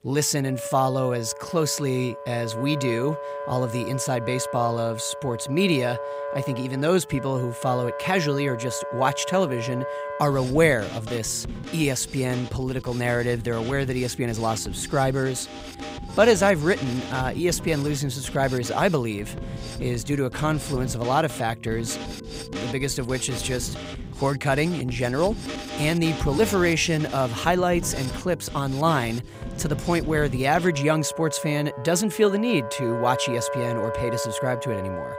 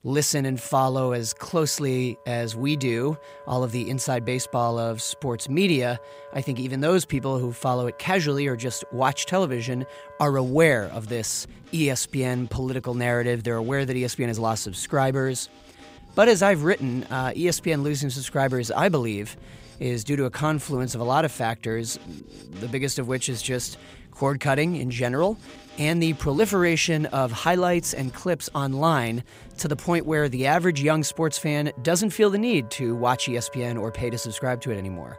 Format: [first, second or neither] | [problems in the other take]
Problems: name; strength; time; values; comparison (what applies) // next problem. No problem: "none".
second | background music; loud; throughout; 9 dB below the speech; faint in the second